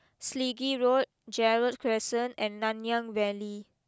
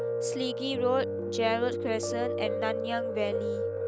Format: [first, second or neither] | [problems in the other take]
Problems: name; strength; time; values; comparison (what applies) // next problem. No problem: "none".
first | background sound (Piano); as loud as the speech